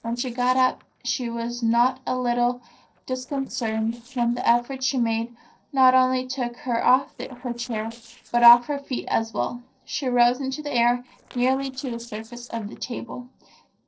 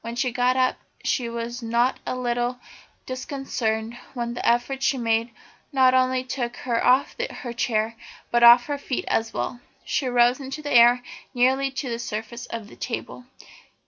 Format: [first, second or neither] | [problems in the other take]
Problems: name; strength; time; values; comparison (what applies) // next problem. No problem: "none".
second | noise reduction (neural separator model SepFormer DNS4)